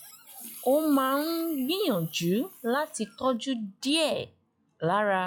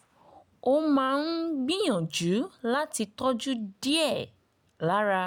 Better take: second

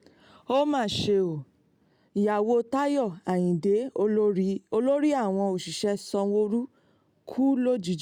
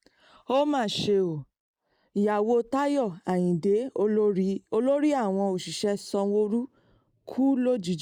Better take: first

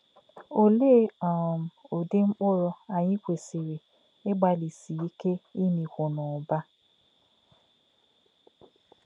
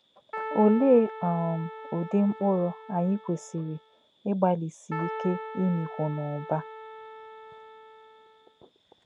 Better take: first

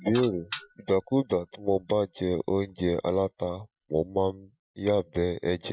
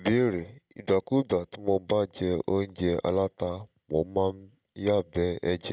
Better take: second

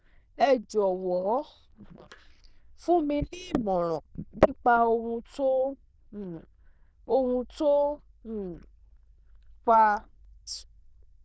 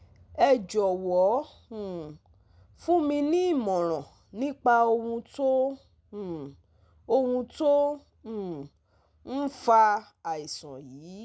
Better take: second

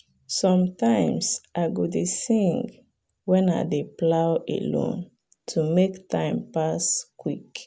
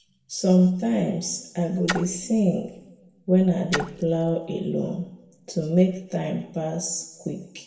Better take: first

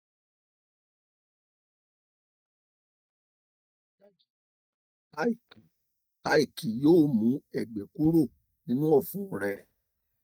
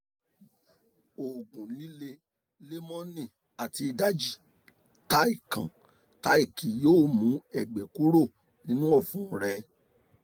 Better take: second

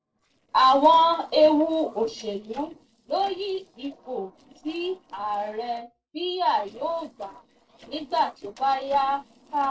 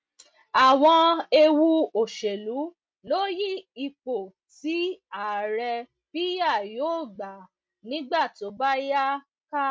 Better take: second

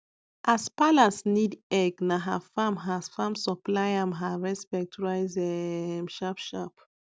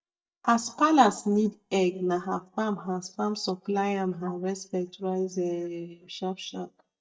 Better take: first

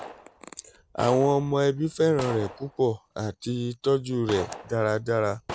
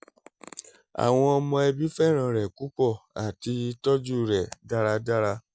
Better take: second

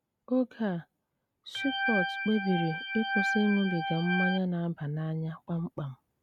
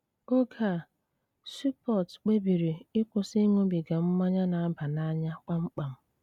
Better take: second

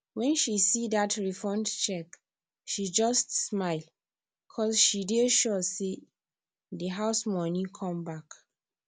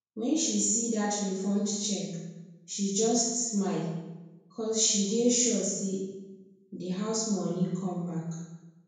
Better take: first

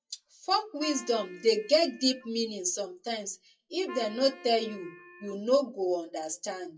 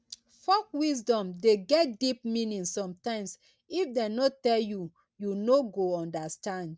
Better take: second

